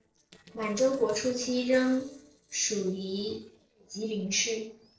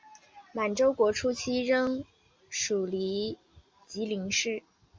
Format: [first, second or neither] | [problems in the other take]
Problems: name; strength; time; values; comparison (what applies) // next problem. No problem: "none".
second | noise reduction (neural separator model SepFormer DNS4)